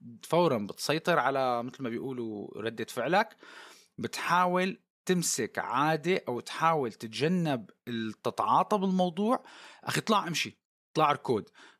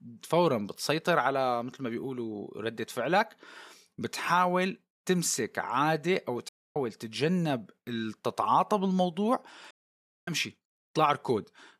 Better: first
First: none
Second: audio cutting out; at 6.5 s and at 9.5 s for 0.5 s

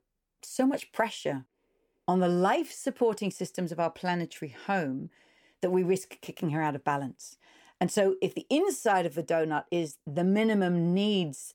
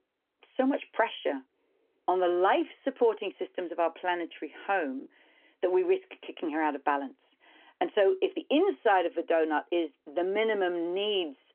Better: first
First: none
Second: phone-call audio; nothing above 3.5 kHz

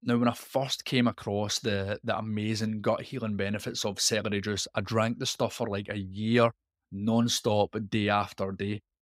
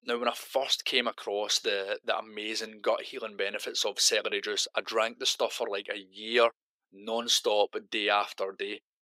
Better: first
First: none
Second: thin; very; fading below 400 Hz

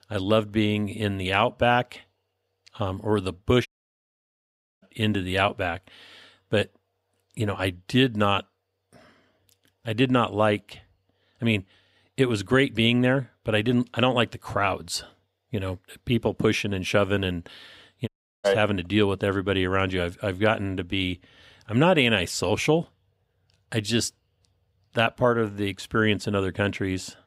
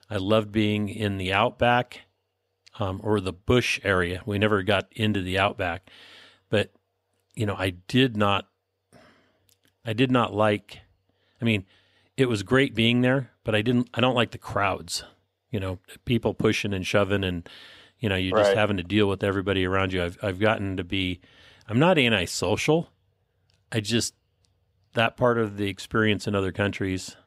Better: second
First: audio cutting out; at 3.5 s for 1 s and at 18 s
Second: none

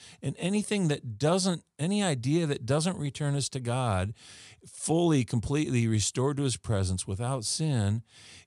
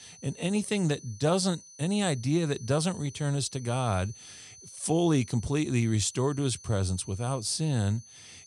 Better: first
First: none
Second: high-pitched whine; noticeable; throughout; 6 kHz, 20 dB below the speech

